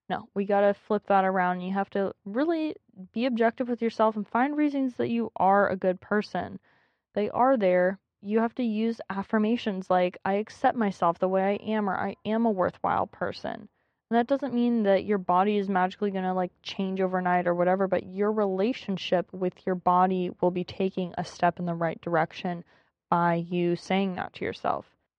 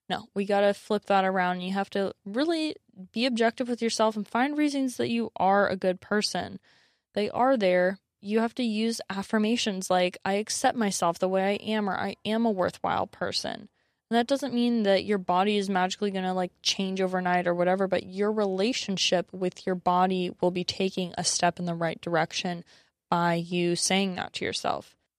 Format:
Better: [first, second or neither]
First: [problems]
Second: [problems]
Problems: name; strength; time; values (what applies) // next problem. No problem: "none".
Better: second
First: muffled; very; fading above 2 kHz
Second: none